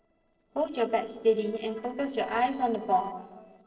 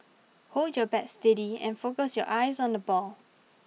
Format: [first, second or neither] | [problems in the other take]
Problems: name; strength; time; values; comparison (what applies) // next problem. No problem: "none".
second | noise reduction (neural separator model SepFormer DNS4)